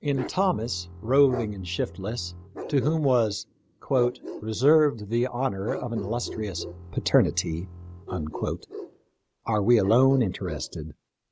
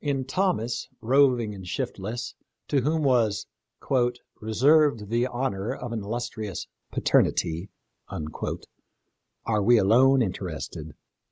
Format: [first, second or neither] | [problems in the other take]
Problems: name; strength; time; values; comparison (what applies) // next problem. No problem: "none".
second | background sound (Bowed string instrument + Bark); 14 dB below the speech